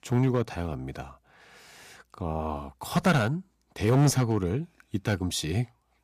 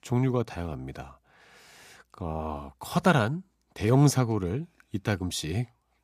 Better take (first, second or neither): second